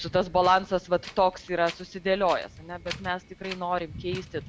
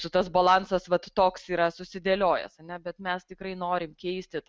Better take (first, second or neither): second